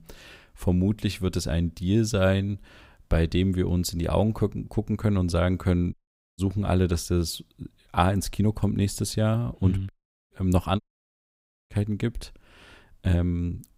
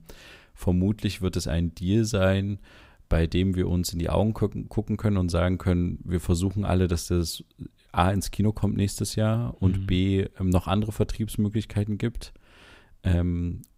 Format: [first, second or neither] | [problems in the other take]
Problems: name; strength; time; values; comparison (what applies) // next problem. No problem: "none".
second | audio cutting out; at 6 s, at 10 s and at 11 s for 1 s